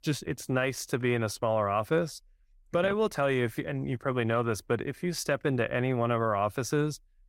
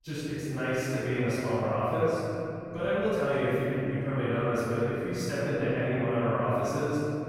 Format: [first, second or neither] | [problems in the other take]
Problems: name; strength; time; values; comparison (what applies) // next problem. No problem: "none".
first | off-mic speech; far // room echo; strong; dies away in 2.9 s